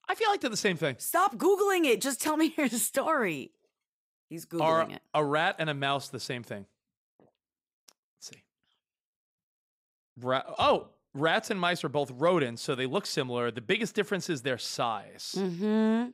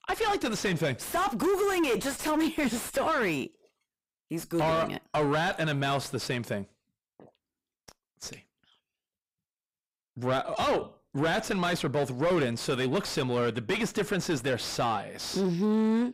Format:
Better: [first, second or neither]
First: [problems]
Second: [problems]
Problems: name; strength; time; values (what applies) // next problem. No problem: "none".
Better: first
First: none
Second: distortion; heavy; 5 dB below the speech